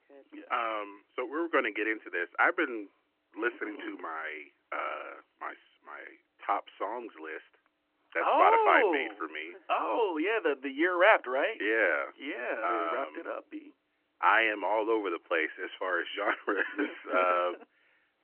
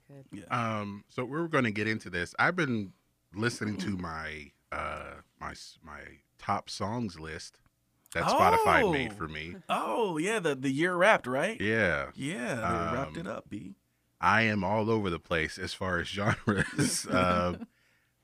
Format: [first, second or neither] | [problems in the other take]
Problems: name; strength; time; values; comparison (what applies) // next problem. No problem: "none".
second | phone-call audio